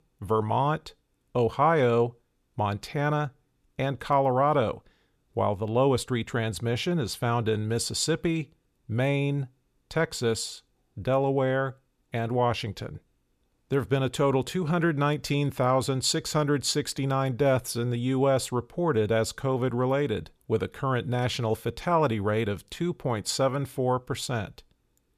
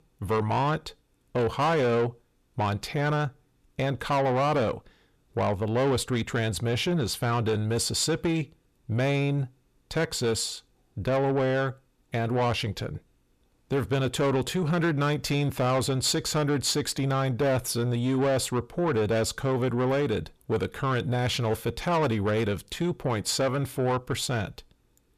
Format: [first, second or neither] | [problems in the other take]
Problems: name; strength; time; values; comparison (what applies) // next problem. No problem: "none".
first | distortion; slight; 10 dB below the speech